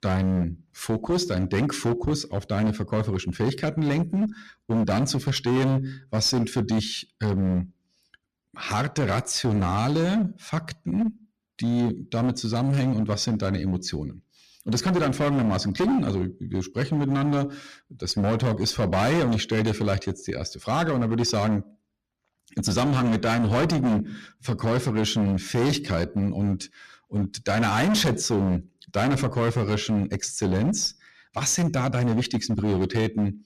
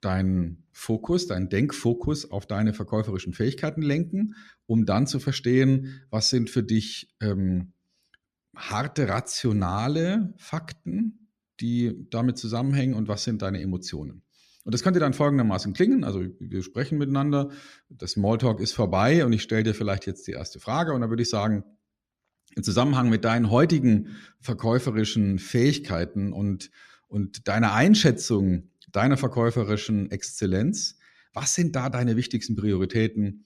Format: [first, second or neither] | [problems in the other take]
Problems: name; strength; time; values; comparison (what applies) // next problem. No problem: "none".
second | distortion; heavy; 17% of the sound clipped